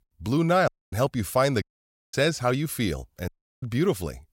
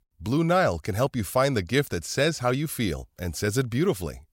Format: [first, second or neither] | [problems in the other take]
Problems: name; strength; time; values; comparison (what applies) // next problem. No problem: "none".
second | audio cutting out; at 0.5 s, at 1.5 s for 0.5 s and at 3.5 s